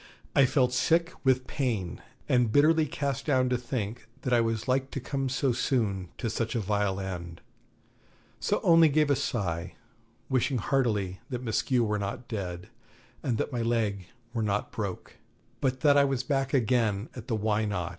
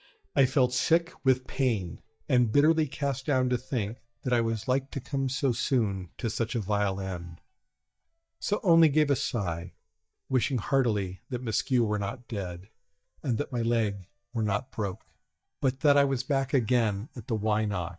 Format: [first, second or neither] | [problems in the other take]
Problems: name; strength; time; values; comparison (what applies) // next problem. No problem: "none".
first | noise reduction (neural mask model DeepFilterNet 3)